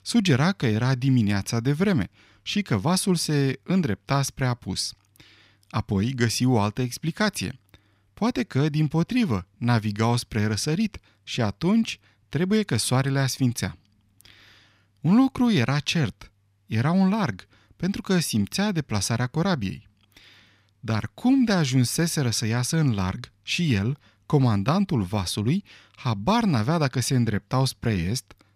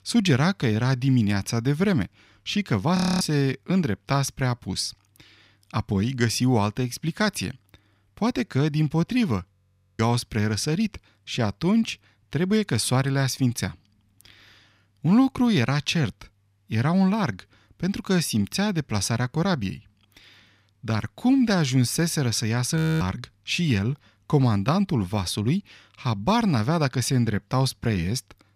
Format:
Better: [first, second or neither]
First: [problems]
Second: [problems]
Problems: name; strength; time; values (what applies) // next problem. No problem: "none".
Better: first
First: none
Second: audio freezing; at 3 s, at 9.5 s and at 23 s